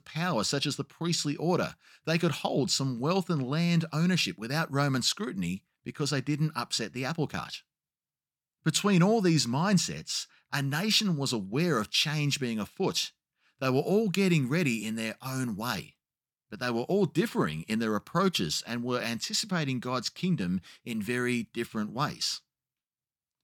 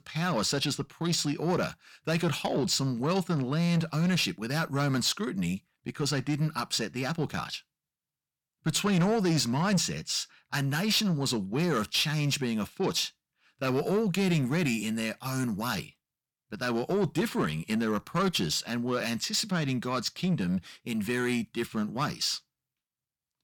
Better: first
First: none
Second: distortion; slight; 10 dB below the speech

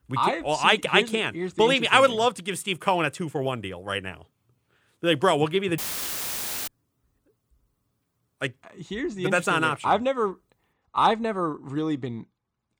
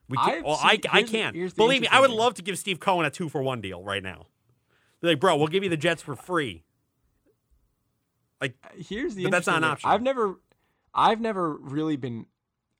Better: second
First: audio cutting out; filled with static; at 6 s for 1 s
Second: none

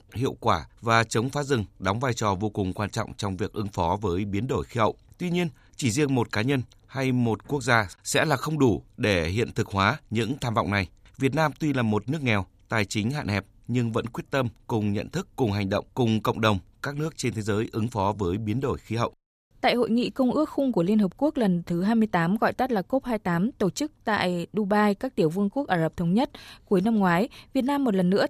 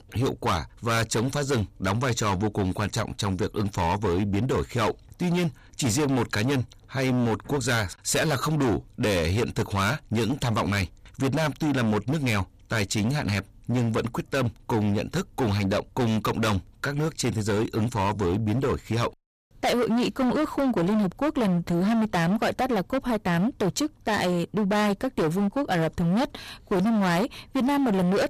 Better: first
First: none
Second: distortion; heavy; 22% of the sound clipped

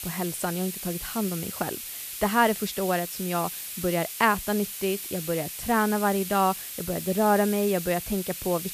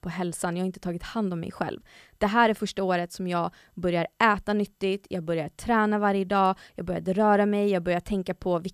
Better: second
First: hiss; loud; throughout; 7 dB below the speech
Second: none

